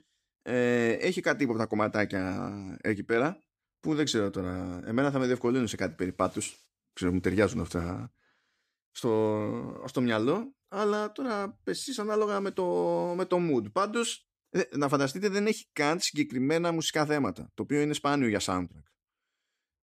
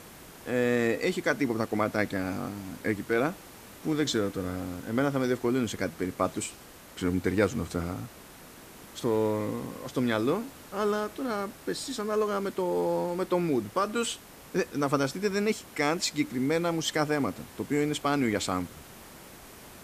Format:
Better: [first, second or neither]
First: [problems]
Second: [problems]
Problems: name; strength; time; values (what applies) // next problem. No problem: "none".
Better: first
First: none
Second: hiss; noticeable; throughout; 20 dB below the speech